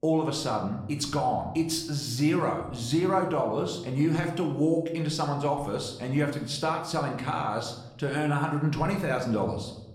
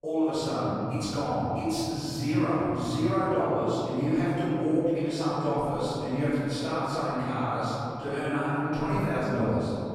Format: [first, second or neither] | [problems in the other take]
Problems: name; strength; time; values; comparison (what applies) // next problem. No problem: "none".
first | room echo; strong; dies away in 3 s; slight in the first // off-mic speech; far; somewhat distant in the first